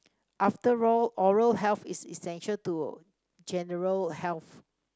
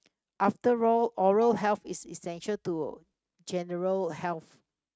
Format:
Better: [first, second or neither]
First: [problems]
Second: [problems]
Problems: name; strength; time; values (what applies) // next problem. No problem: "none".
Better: first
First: none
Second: noise reduction (neural mask model RNNoise)